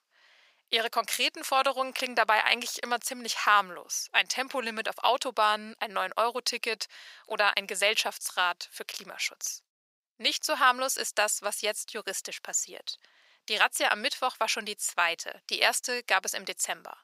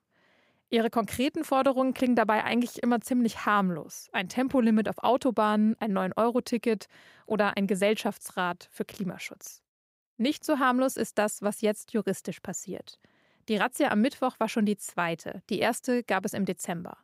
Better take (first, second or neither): second